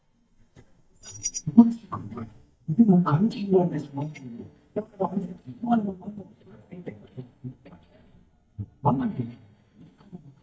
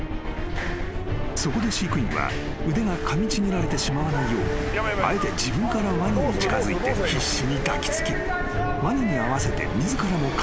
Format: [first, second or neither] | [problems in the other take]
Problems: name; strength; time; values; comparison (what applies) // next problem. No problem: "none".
second | noise reduction (neural mask model DeepFilterNet 3)